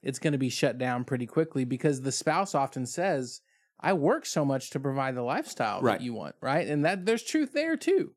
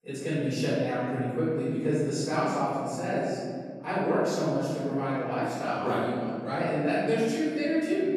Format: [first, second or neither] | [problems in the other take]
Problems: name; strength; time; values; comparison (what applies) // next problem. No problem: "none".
first | off-mic speech; far // room echo; strong; dies away in 2 s